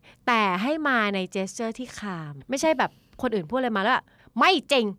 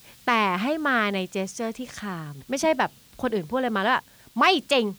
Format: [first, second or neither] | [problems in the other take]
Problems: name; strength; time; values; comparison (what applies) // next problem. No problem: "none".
first | hiss; faint; throughout; 25 dB below the speech